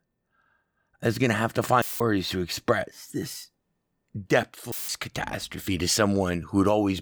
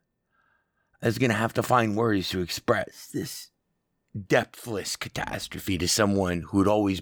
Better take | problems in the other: second | audio cutting out; filled with static; at 2 s and at 4.5 s

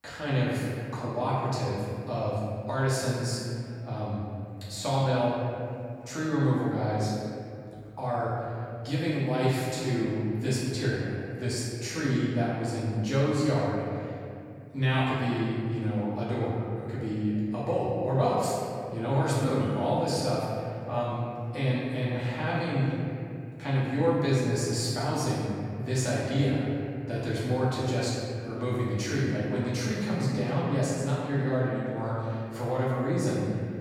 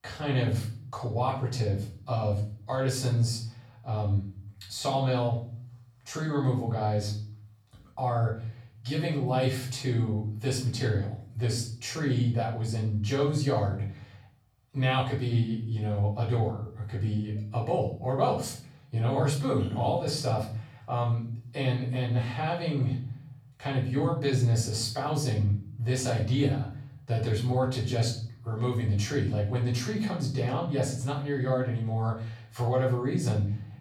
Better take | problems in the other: second | room echo; strong; dies away in 2.3 s; slight in the second // off-mic speech; far; far in the second

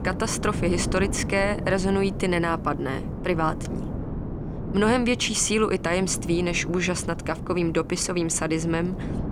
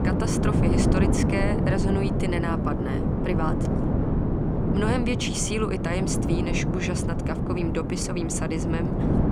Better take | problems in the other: first | wind noise on the microphone; heavy; 1 dB below the speech; occasional gusts in the first

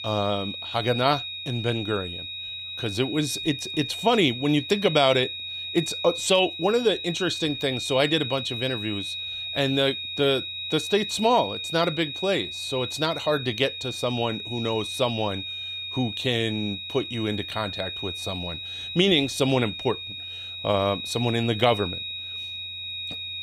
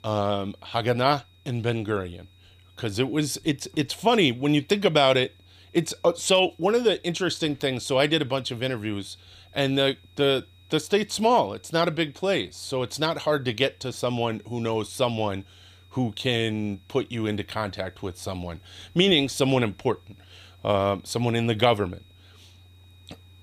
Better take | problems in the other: second | high-pitched whine; loud; throughout; 4 kHz, 6 dB below the speech; faint in the second

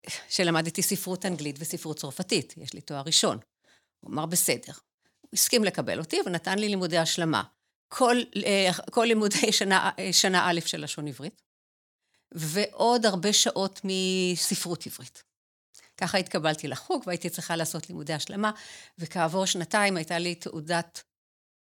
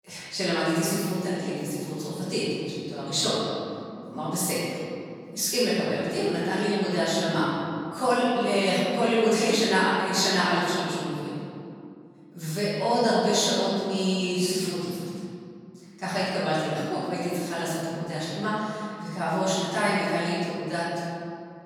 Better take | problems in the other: first | off-mic speech; far // room echo; strong; dies away in 2.3 s

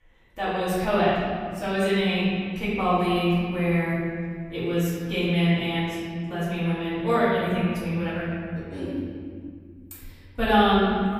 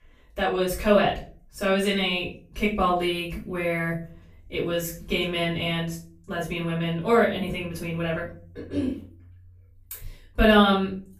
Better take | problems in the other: second | room echo; strong; dies away in 2.1 s; slight in the second // off-mic speech; far; far in the second

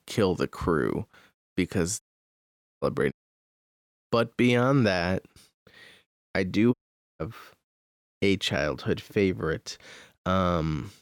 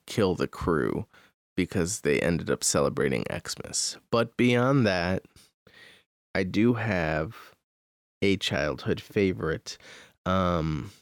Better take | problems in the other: second | audio cutting out; at 2 s for 1 s, at 3 s for 1 s and at 6.5 s

